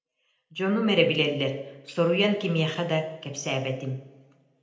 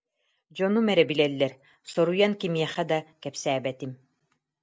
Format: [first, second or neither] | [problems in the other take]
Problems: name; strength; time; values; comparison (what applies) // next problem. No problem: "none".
second | room echo; dies away in 0.8 s